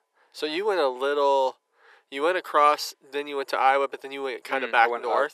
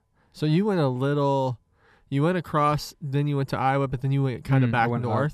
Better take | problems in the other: second | thin; very; fading below 400 Hz

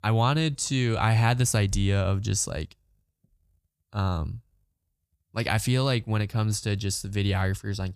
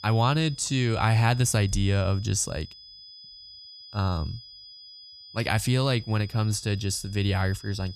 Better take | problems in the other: first | high-pitched whine; noticeable; throughout; 5 kHz, 20 dB below the speech

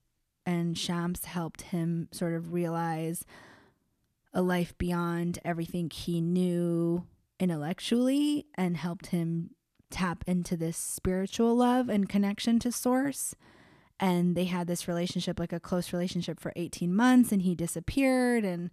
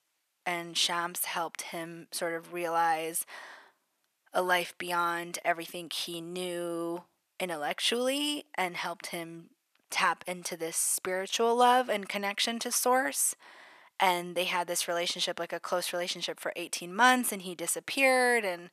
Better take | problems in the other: first | thin; very; fading below 750 Hz

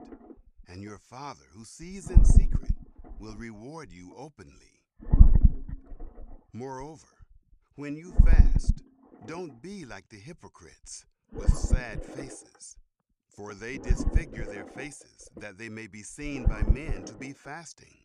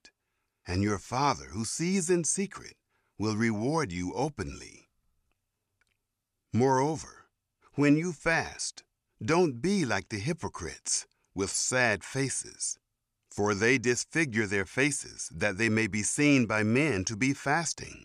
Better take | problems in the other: second | low rumble; loud; throughout; as loud as the speech

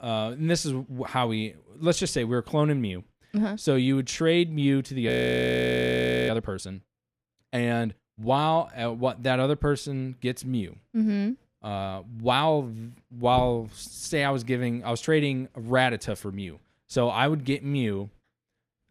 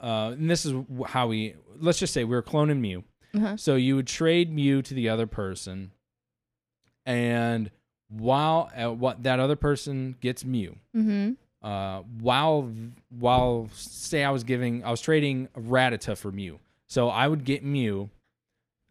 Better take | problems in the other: second | audio freezing; at 5 s for 1 s

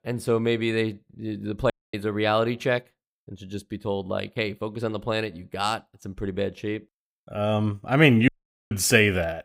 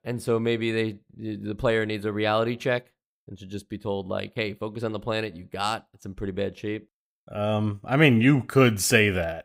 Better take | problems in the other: second | audio cutting out; at 1.5 s and at 8.5 s

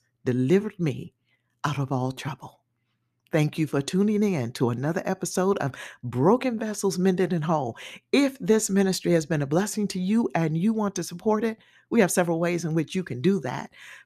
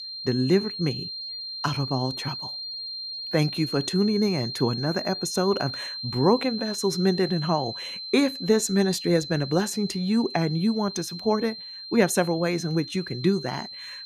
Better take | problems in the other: first | high-pitched whine; loud; throughout; 4 kHz, 8 dB below the speech

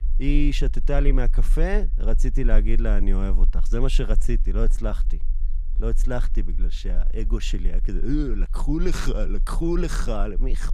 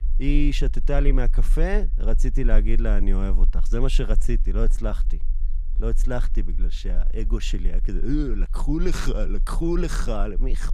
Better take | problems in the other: neither | low rumble; faint; throughout; 20 dB below the speech; the same in both

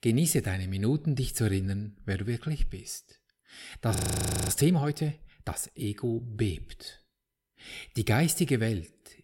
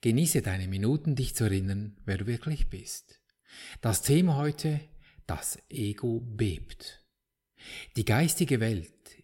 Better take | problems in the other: second | audio freezing; at 4 s for 0.5 s

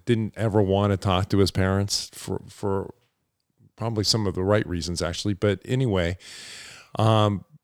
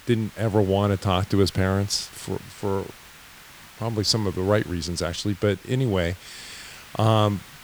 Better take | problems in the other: first | hiss; faint; throughout; 20 dB below the speech

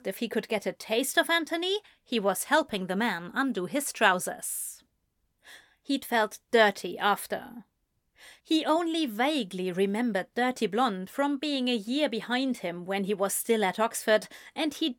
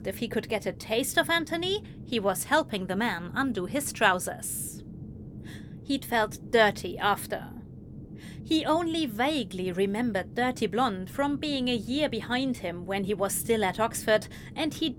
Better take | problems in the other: first | low rumble; faint; throughout; 25 dB below the speech

